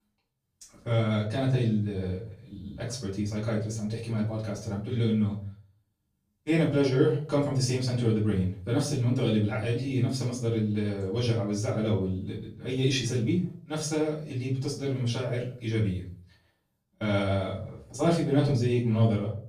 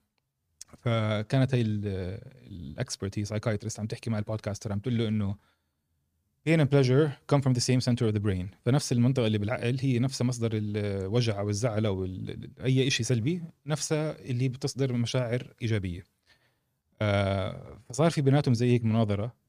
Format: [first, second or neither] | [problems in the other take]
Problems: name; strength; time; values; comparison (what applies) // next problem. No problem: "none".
second | off-mic speech; far // room echo; slight; dies away in 0.4 s